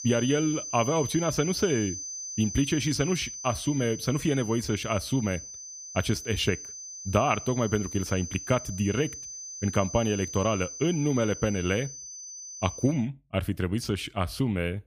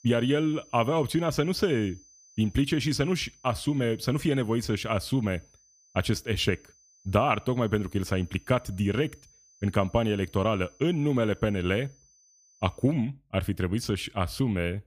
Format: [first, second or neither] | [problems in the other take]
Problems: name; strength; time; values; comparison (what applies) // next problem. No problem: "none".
second | high-pitched whine; loud; until 13 s; 6 kHz, 9 dB below the speech; faint in the second